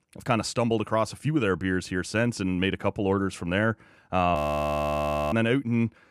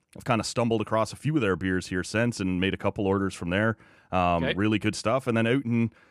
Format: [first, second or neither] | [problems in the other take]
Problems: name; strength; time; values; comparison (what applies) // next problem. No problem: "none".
second | audio freezing; at 4.5 s for 1 s